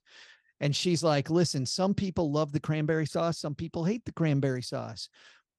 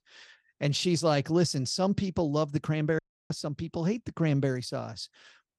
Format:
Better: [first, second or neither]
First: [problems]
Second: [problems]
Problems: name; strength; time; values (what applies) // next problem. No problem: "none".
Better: first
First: none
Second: audio cutting out; at 3 s